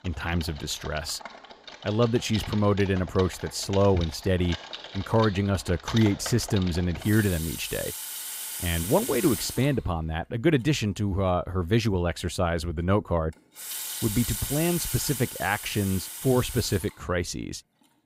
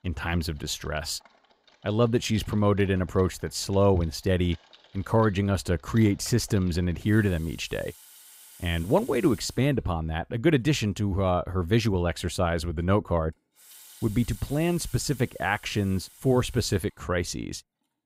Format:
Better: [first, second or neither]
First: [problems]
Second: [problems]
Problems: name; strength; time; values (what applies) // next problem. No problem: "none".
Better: second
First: household noises; loud; throughout; 8 dB below the speech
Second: household noises; faint; throughout; 25 dB below the speech